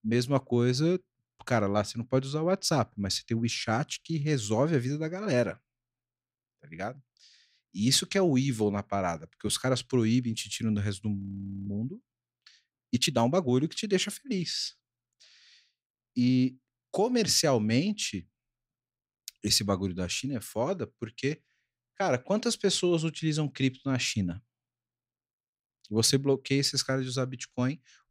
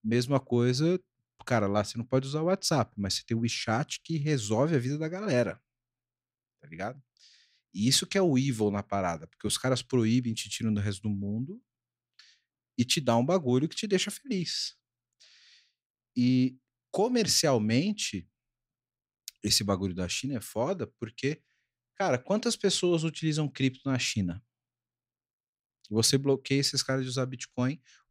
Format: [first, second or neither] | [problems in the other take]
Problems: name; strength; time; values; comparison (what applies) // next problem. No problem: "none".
second | audio freezing; at 11 s